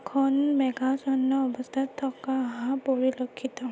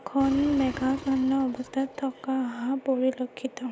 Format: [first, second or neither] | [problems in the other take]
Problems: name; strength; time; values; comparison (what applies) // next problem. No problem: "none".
first | background sound (Engine); 14 dB below the speech